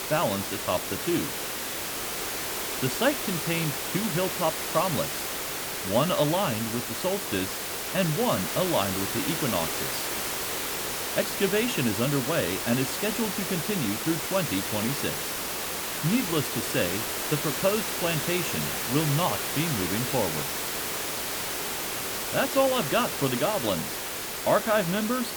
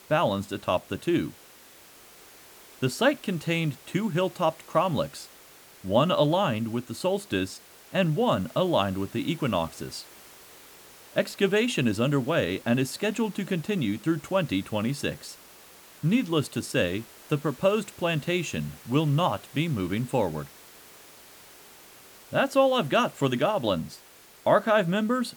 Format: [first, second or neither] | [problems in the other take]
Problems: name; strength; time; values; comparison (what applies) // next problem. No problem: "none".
second | hiss; loud; throughout; 1 dB below the speech; faint in the second